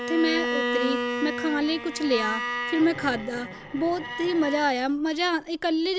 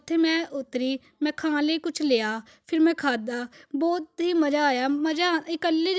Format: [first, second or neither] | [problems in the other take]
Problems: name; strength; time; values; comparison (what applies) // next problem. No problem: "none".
second | background sound (Bowed string instrument); 5 dB below the speech